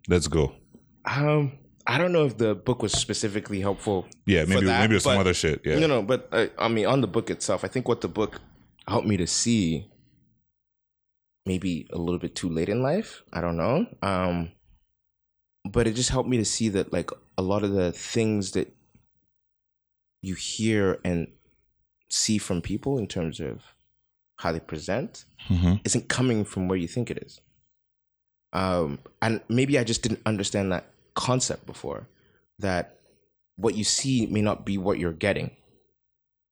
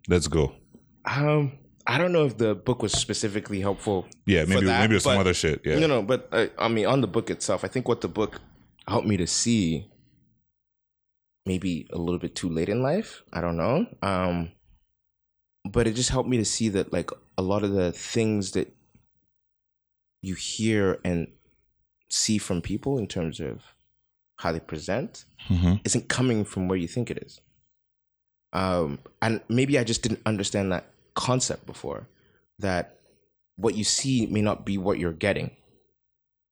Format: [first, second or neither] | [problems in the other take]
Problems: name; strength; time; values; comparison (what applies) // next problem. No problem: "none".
neither | none